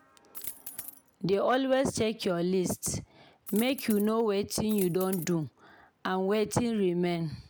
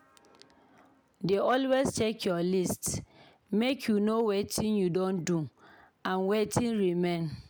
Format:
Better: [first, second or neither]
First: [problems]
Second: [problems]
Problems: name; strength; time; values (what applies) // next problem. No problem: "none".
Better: second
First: background sound (Coin (dropping)); 13 dB below the speech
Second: none